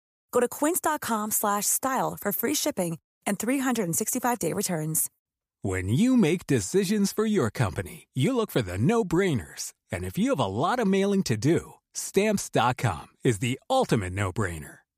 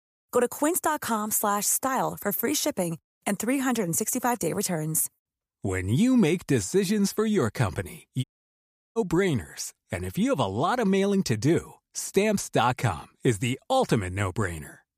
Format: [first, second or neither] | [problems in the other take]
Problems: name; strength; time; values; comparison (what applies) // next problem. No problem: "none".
first | audio cutting out; at 8 s for 0.5 s